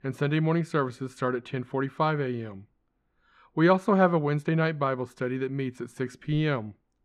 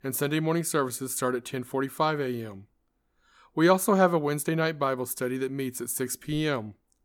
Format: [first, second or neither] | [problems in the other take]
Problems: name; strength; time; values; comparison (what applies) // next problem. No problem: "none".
second | muffled; slightly; fading above 2.5 kHz